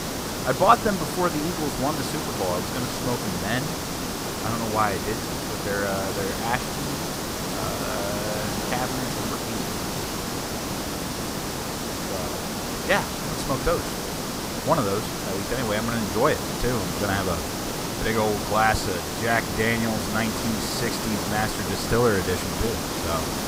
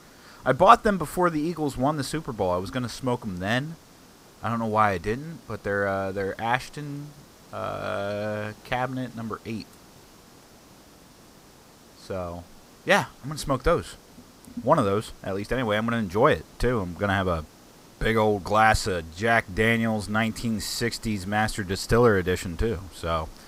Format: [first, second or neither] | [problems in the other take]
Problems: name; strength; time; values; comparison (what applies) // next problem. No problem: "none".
second | hiss; loud; throughout; 1 dB below the speech; faint in the second